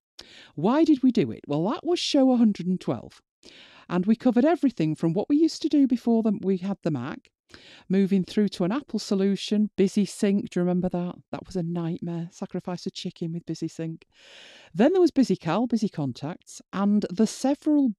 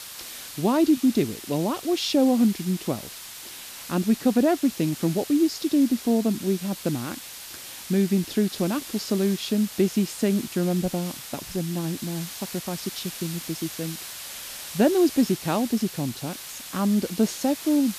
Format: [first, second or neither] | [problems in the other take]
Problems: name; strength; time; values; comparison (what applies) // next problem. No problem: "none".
first | hiss; noticeable; throughout; 10 dB below the speech